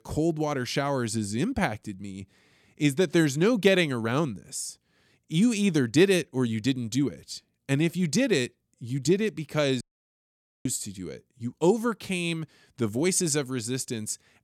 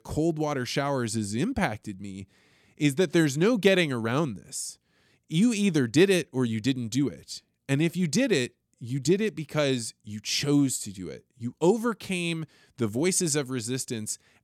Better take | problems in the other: second | audio cutting out; at 10 s for 1 s

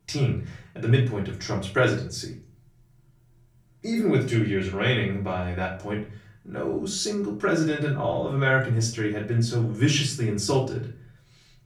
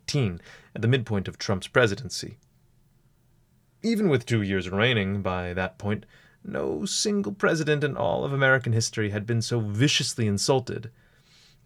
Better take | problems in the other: second | room echo; slight; dies away in 0.4 s // off-mic speech; far

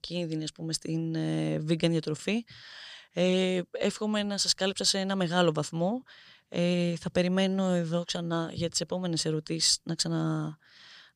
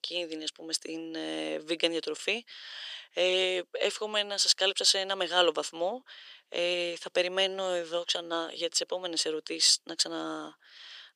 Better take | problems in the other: first | thin; very; fading below 350 Hz

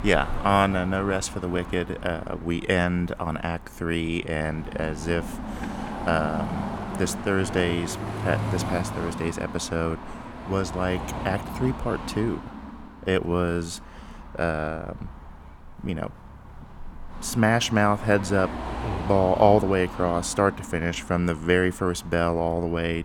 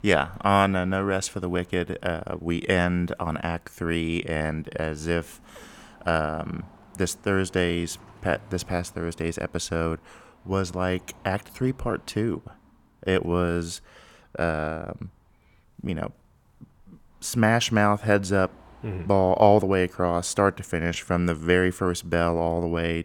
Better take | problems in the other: second | traffic noise; loud; throughout; 10 dB below the speech; faint in the second

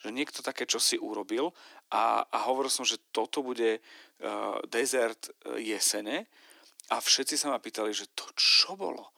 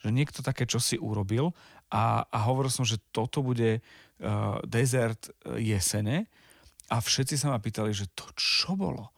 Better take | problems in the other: second | thin; very; fading below 300 Hz

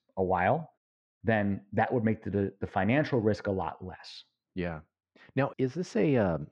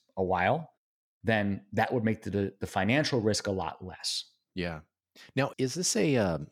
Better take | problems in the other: second | muffled; very; fading above 2 kHz

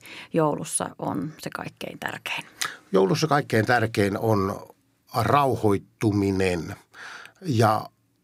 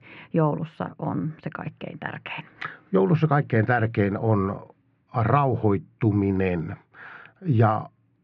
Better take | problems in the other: first | muffled; very; fading above 2.5 kHz

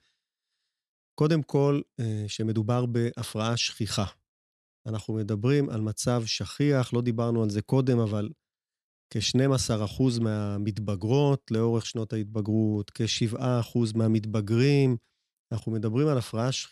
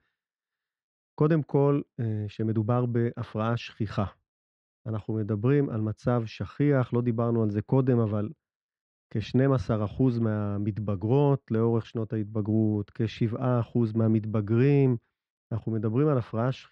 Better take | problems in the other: first | muffled; very; fading above 1.5 kHz

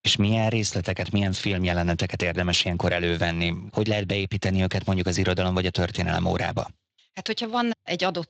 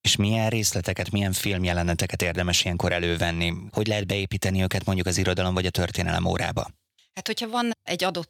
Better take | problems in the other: second | garbled, watery; slightly; nothing above 7.5 kHz

